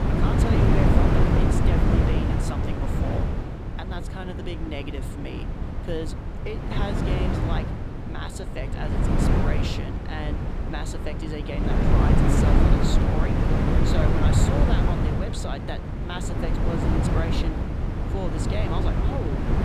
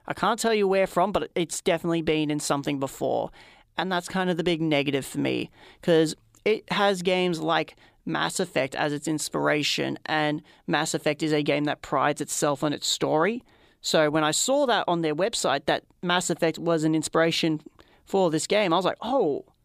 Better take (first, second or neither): second